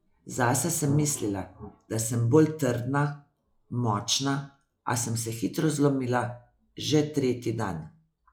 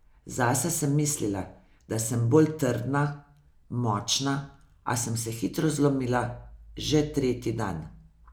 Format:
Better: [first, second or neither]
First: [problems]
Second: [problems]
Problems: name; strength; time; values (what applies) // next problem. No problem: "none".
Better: second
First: noise reduction (classical method log-MMSE)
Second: none